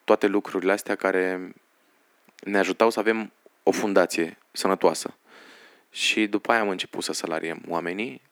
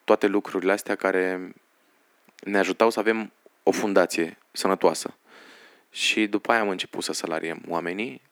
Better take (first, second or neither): neither